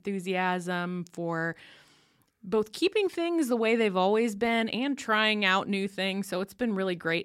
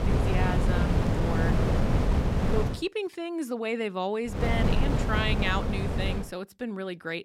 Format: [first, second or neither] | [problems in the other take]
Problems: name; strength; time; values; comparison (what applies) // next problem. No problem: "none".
first | wind noise on the microphone; heavy; until 2.5 s and from 4.5 to 6 s; 1 dB below the speech